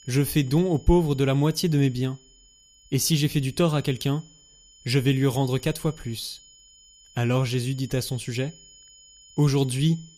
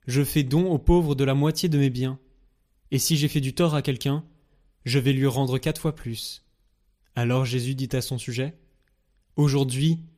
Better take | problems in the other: second | high-pitched whine; faint; throughout; 7 kHz, 25 dB below the speech

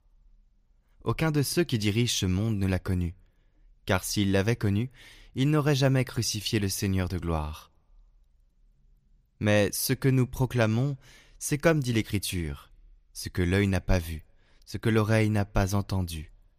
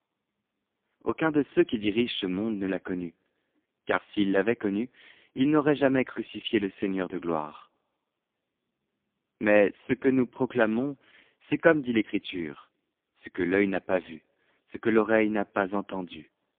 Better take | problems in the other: first | phone-call audio; poor line; nothing above 3.5 kHz

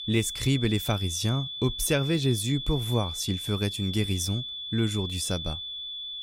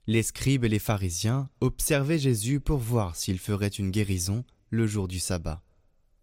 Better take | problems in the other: second | high-pitched whine; loud; throughout; 3.5 kHz, 6 dB below the speech

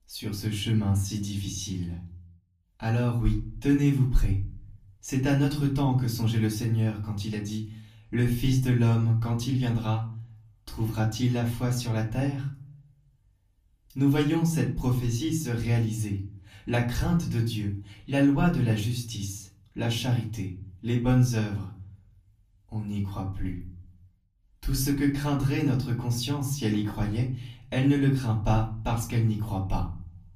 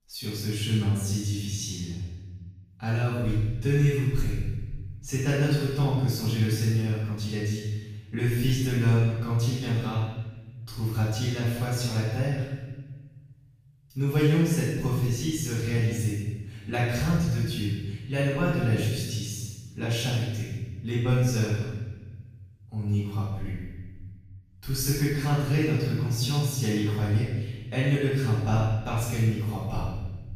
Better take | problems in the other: first | room echo; strong; dies away in 1.2 s; slight in the first // off-mic speech; far; far in the first

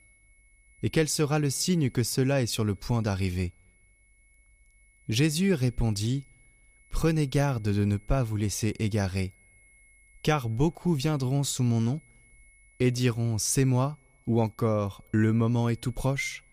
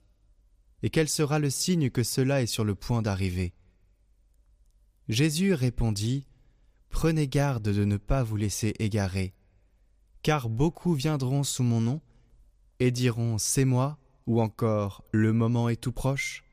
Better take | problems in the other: second | high-pitched whine; faint; throughout; 2 kHz, 35 dB below the speech

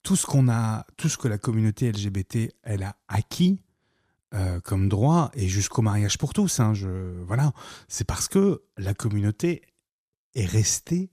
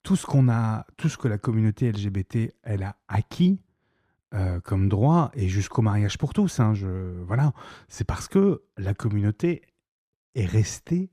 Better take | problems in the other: first | muffled; slightly; fading above 4 kHz

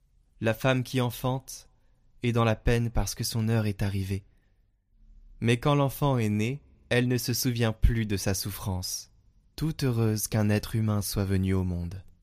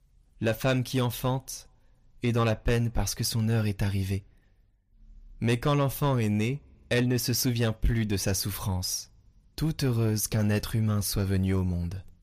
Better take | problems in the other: first | distortion; slight; 10 dB below the speech

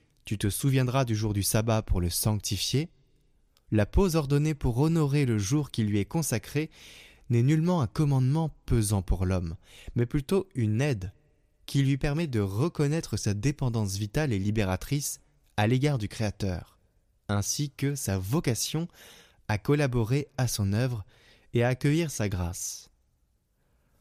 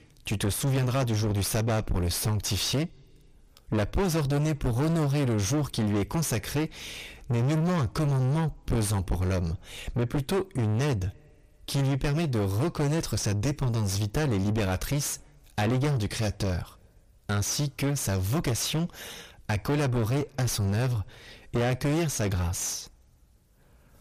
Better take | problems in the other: first | distortion; heavy; 4 dB below the speech

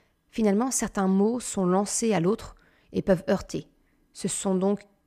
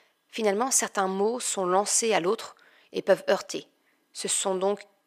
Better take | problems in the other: first | thin; somewhat; fading below 450 Hz

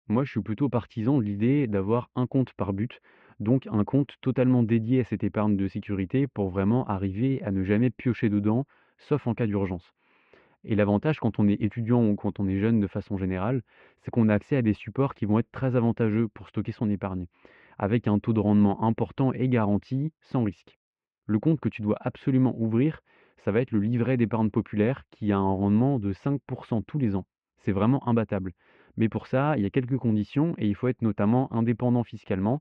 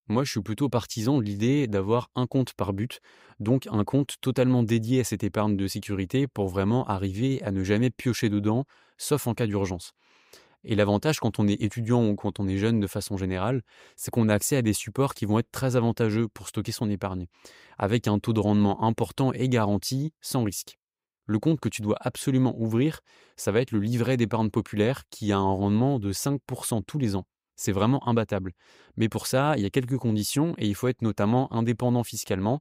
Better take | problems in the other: second | muffled; very; fading above 2.5 kHz

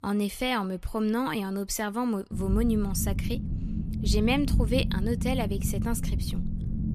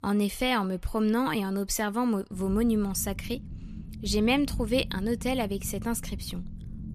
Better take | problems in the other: second | low rumble; loud; from 2.5 s on; 10 dB below the speech; faint in the second

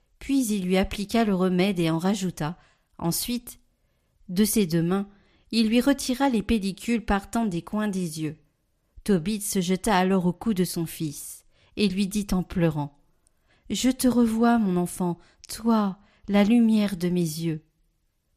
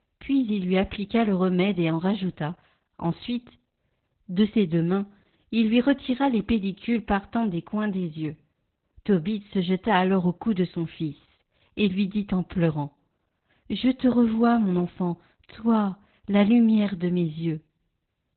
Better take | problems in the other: first | garbled, watery; badly; nothing above 4 kHz

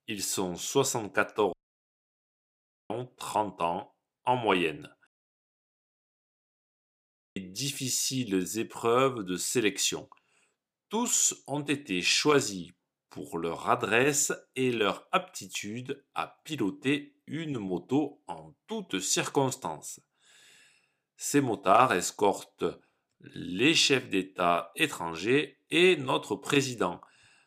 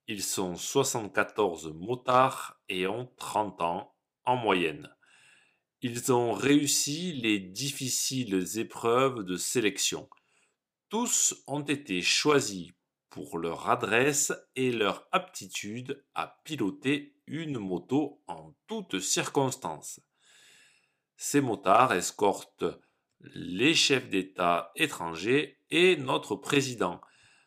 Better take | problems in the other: second | audio cutting out; at 1.5 s for 1.5 s and at 5 s for 2.5 s

